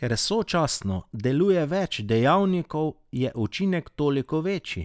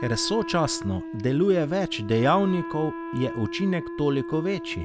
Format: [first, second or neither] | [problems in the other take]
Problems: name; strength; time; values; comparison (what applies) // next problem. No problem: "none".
first | background sound (Wind instrument, woodwind instrument); 9 dB below the speech